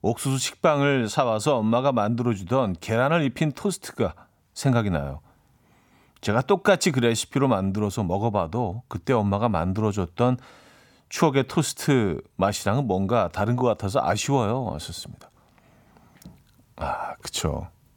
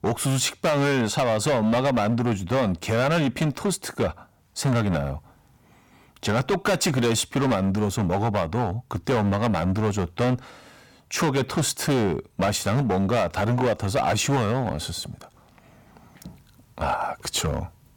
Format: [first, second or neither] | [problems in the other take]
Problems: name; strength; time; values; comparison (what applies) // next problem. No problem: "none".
first | distortion; heavy; 14% of the sound clipped